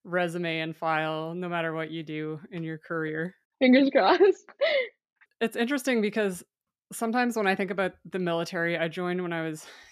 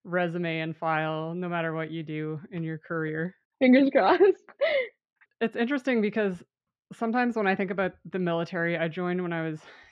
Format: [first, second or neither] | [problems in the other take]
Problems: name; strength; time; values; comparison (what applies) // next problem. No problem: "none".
first | muffled; slightly; fading above 3 kHz